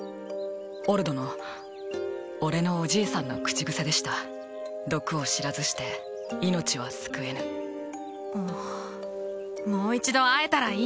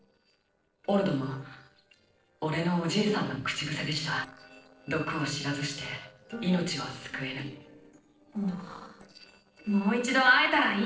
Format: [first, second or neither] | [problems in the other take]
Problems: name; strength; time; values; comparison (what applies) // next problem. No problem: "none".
first | noise reduction (neural separator model SepFormer DNS4)